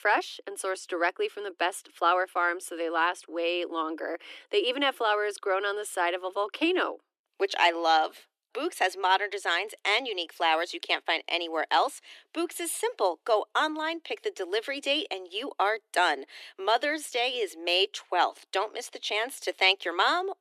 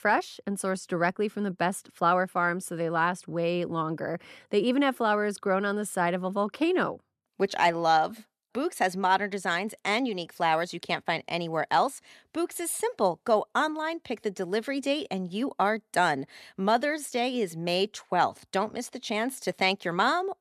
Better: second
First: thin; somewhat; fading below 300 Hz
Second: none

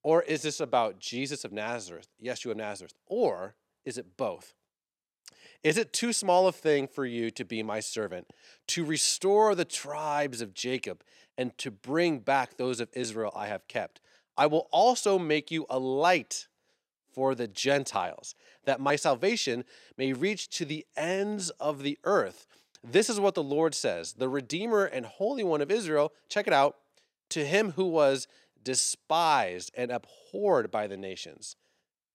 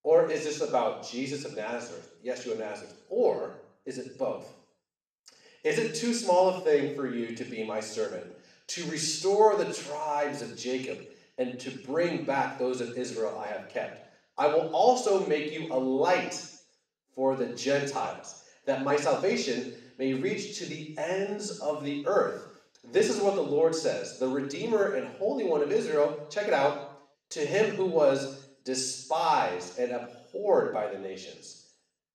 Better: first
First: none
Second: room echo; noticeable; dies away in 0.7 s // off-mic speech; far

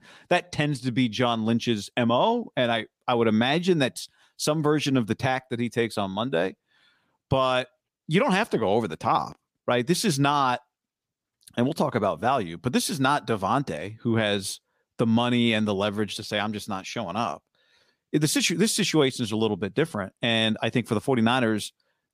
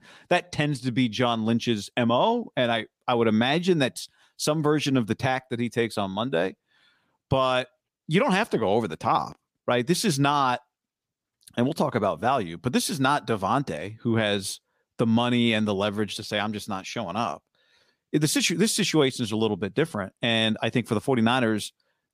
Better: neither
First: none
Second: none

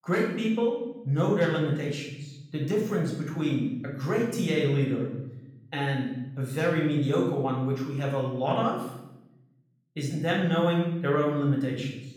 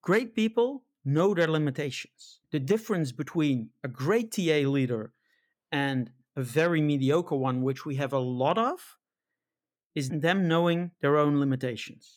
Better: second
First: room echo; noticeable; dies away in 0.9 s // off-mic speech; far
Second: none

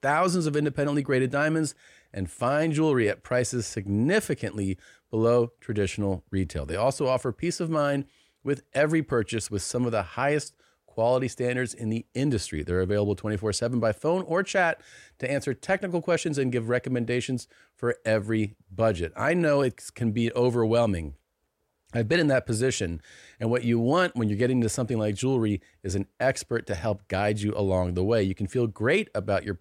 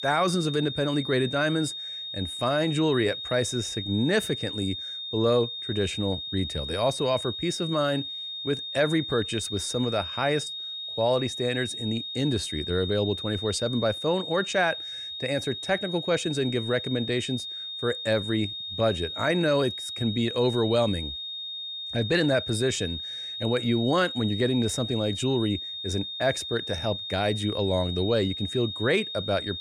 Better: first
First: none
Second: high-pitched whine; loud; throughout; 3.5 kHz, 6 dB below the speech

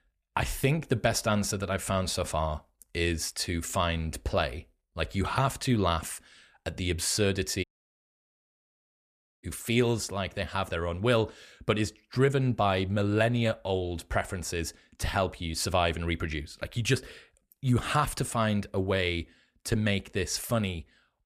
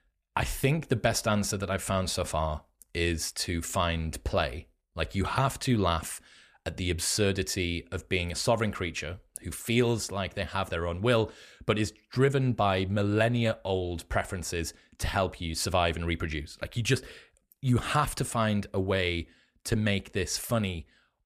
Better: second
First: audio cutting out; at 7.5 s for 2 s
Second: none

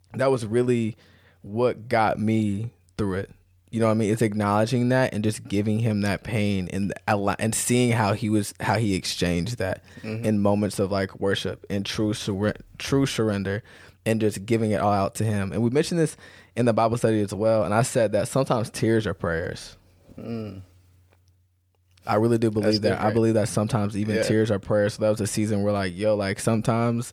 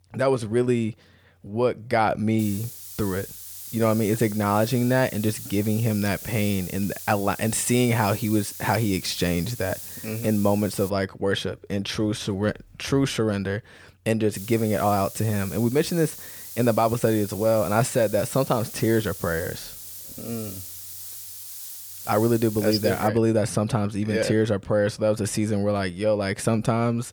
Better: first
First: none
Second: hiss; noticeable; from 2.5 to 11 s and from 14 to 23 s; 10 dB below the speech

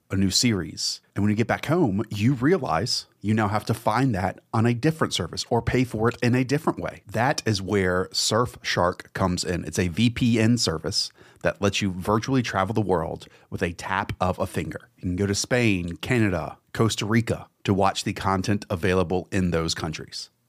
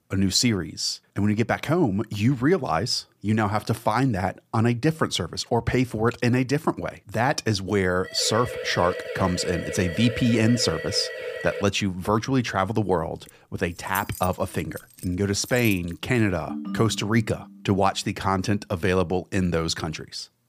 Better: first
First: none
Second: siren; noticeable; from 8 to 12 s; peak 7 dB below the speech // jangling keys; faint; from 13 to 16 s; peak 10 dB below the speech // phone ringing; noticeable; from 16 to 18 s; peak 8 dB below the speech

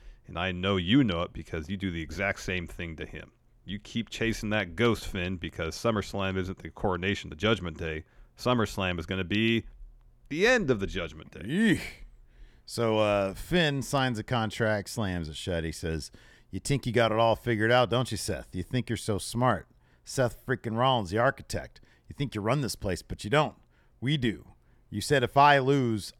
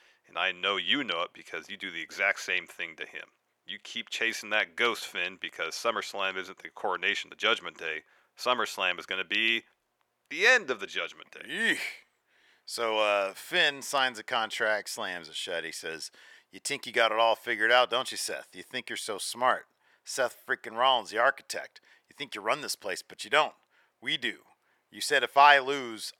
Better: first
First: none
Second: thin; very; fading below 600 Hz

